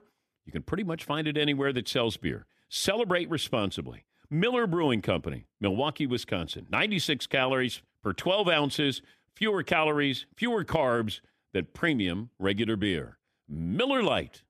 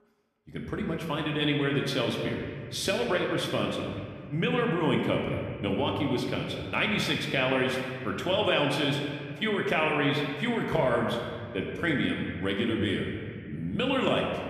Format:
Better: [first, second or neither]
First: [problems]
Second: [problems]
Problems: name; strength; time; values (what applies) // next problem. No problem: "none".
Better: first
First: none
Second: room echo; noticeable; dies away in 2 s